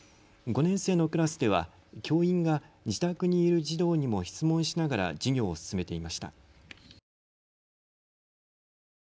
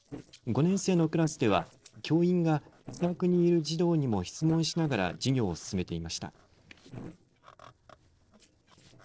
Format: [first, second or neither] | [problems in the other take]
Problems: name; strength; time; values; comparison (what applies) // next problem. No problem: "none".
first | noise reduction (neural separator model SepFormer DNS4)